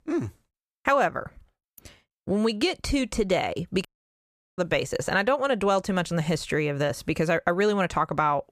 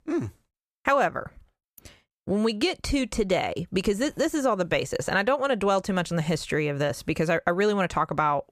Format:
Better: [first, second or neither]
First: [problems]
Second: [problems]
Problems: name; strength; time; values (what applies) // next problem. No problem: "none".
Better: second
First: audio cutting out; at 4 s for 0.5 s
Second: none